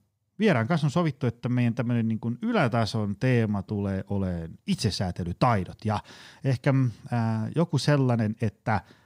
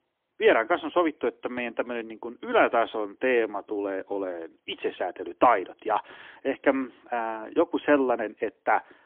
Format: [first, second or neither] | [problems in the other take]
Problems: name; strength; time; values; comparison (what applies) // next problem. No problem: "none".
first | phone-call audio; poor line; nothing above 3.5 kHz